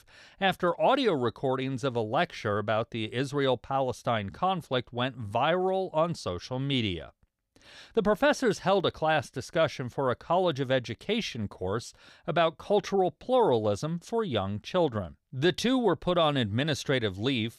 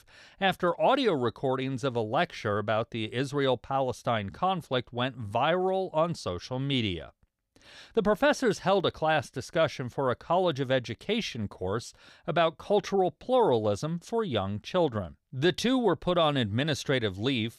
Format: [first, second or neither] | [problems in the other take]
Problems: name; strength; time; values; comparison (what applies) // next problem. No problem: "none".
neither | none